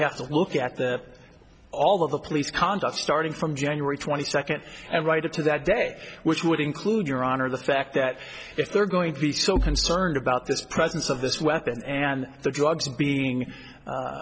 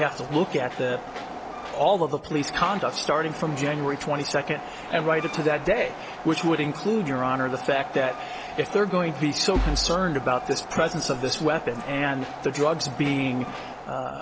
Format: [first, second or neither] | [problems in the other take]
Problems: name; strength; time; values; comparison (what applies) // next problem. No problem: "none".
first | background sound (Train); 11 dB below the speech